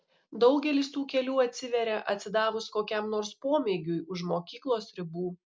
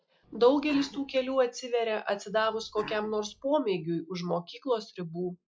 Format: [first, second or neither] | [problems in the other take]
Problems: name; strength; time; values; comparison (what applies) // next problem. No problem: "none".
first | noise reduction (classical method log-MMSE)